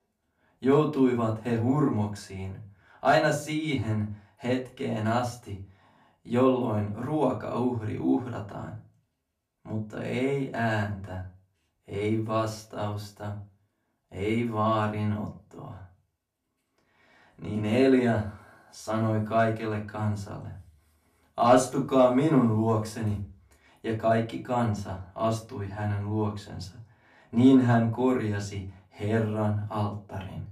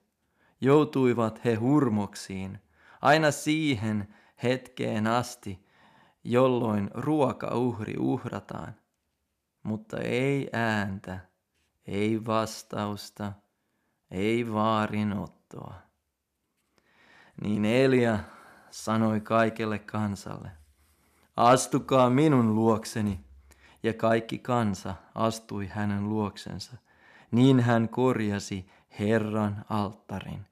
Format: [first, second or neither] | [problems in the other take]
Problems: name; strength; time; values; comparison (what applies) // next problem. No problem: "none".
second | off-mic speech; far // room echo; very slight; dies away in 0.3 s